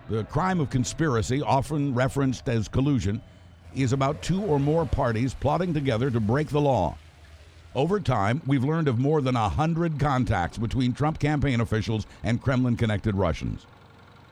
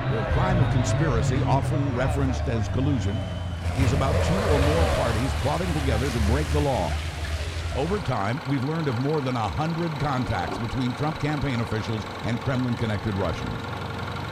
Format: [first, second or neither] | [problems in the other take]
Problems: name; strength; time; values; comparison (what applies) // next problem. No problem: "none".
first | traffic noise; loud; throughout; 1 dB below the speech; faint in the first